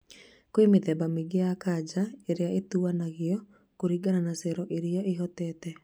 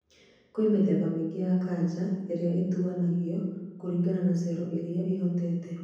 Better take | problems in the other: first | room echo; dies away in 1.1 s

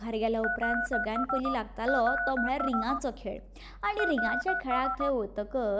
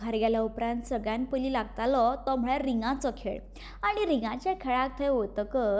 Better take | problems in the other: second | background sound (Telephone); 1 dB below the speech

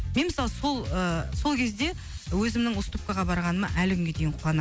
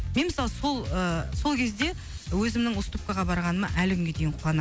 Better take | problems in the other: first | background sound (Drip / Water tap, faucet); 20 dB below the speech

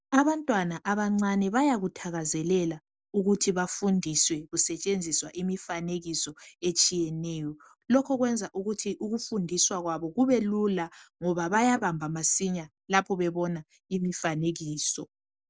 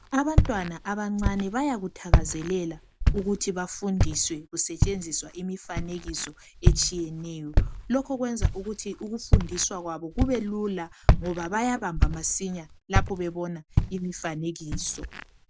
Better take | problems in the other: first | background sound (Walk, footsteps); 3 dB above the speech

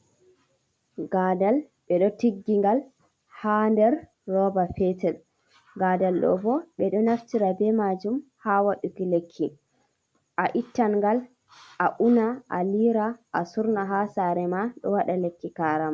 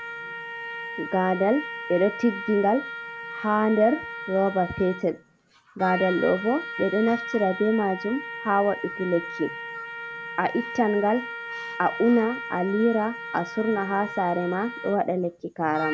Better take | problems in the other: first | background sound (Trumpet); 10 dB below the speech

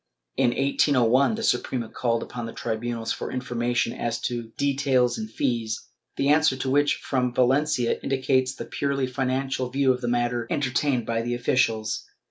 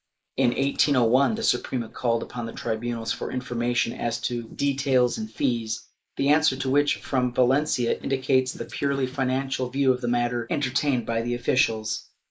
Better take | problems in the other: first | noise reduction (neural mask model Resemble Enhance denoiser)

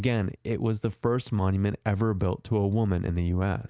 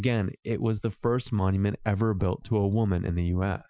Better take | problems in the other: first | noise reduction (classical method Wiener filter)

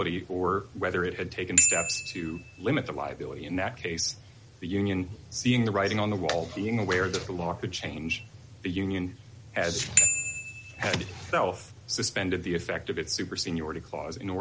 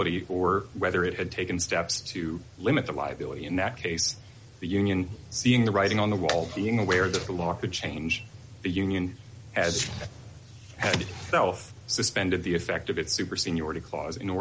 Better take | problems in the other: second | background sound (Bicycle bell); as loud as the speech

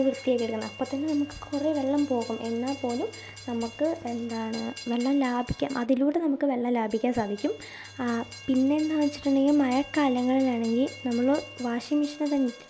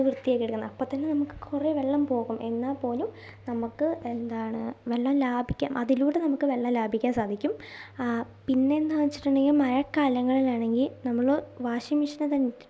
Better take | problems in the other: second | background sound (Train); 19 dB below the speech

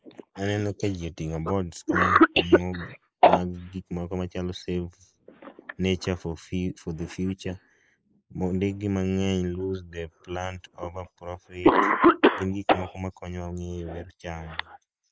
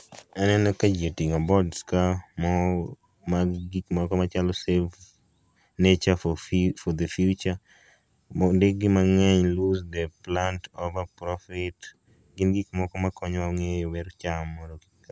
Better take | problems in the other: second | noise reduction (neural mask model Resemble Enhance denoiser)

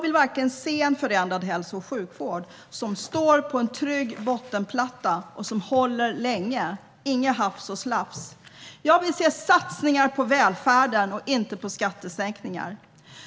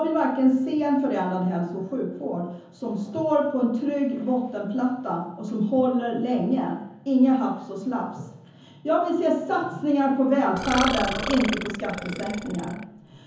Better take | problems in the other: first | background sound (Burping, eructation); 7 dB below the speech // room echo; dies away in 0.7 s

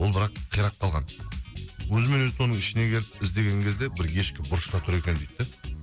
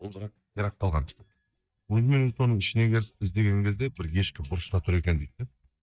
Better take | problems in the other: first | noise reduction (neural mask model DeepFilterNet 3)

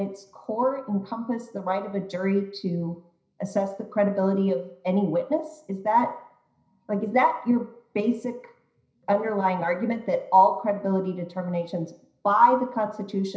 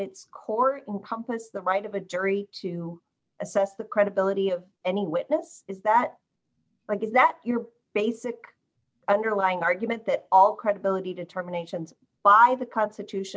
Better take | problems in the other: second | room echo; dies away in 0.5 s

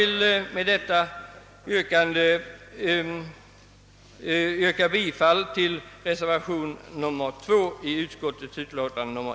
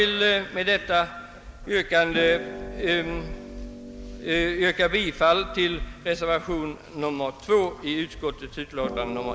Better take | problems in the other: first | background sound (Harp); 13 dB below the speech

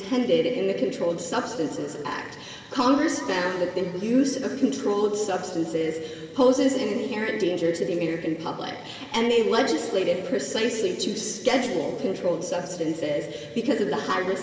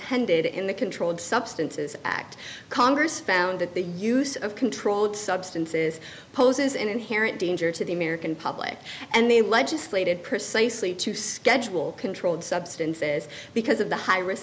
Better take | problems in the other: second | room echo; dies away in 1.8 s

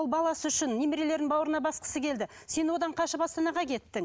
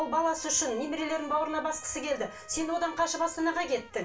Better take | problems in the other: first | background sound (Trumpet); 19 dB below the speech // room echo; dies away in 0.3 s

